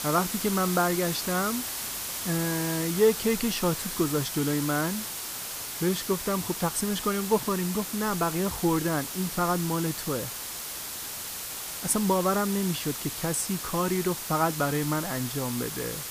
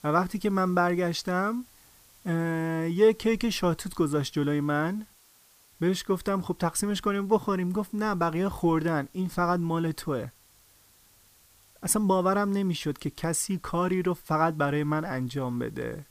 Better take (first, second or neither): second